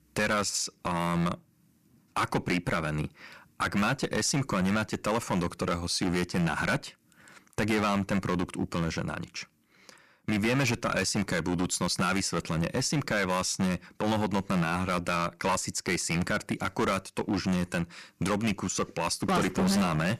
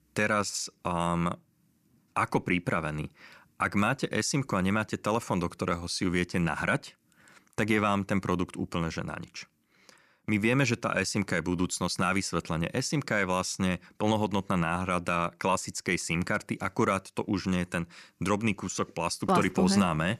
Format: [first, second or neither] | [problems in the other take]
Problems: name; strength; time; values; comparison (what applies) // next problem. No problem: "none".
second | distortion; heavy; 10% of the sound clipped